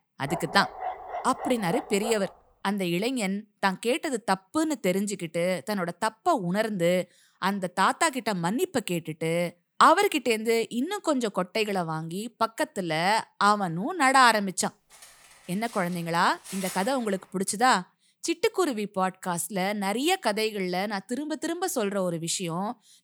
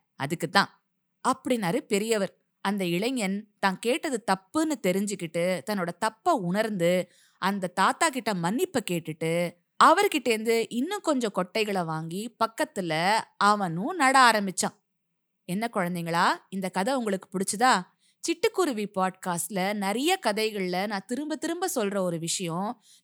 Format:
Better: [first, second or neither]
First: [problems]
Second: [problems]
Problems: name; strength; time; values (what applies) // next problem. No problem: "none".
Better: second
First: dog barking; noticeable; until 2.5 s; peak 7 dB below the speech // clattering dishes; noticeable; from 15 to 17 s; peak 9 dB below the speech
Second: none